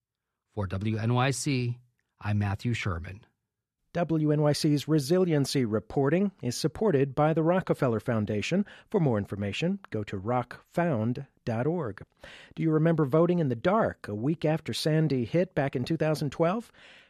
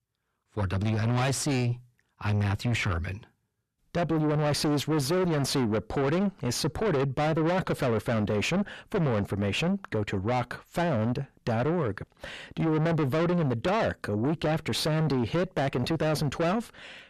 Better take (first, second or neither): first